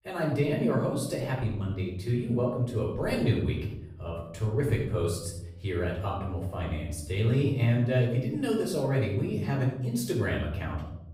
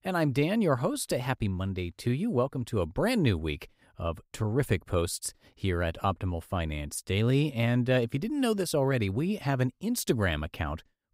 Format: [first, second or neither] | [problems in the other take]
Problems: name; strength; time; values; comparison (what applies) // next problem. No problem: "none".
second | off-mic speech; far // room echo; noticeable; dies away in 0.9 s